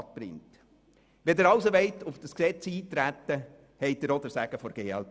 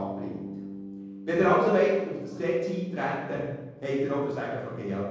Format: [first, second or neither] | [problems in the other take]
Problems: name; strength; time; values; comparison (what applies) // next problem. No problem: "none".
first | background sound (Bass guitar); 15 dB below the speech // room echo; dies away in 1.3 s